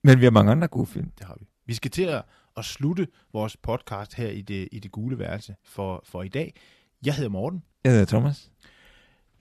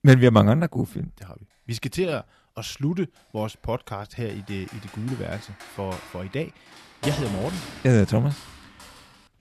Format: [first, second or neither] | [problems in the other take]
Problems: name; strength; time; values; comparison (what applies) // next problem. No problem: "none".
first | keyboard typing; noticeable; from 4.5 to 9 s; peak 7 dB below the speech